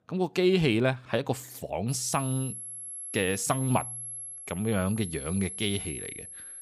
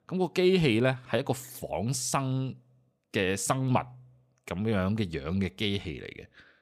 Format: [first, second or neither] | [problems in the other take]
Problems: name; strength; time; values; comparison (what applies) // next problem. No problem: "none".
second | high-pitched whine; loud; from 2 s on; 11 kHz, 8 dB below the speech